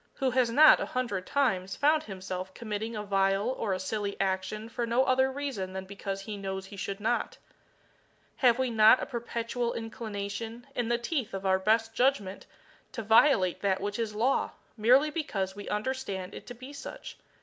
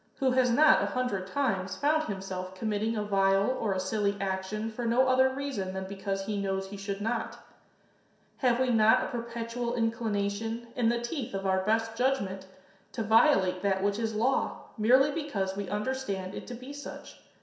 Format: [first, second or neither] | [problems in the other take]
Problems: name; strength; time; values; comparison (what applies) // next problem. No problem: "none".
first | room echo; dies away in 0.7 s